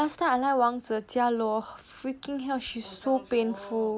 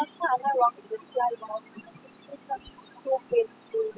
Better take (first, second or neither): first